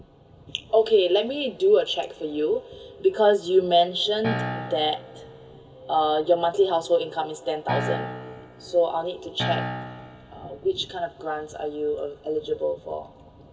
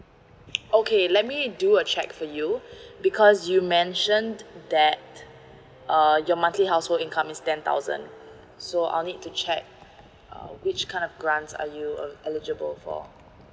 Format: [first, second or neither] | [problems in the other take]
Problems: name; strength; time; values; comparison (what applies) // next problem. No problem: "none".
second | background sound (Piano); 7 dB below the speech // room echo; dies away in 0.2 s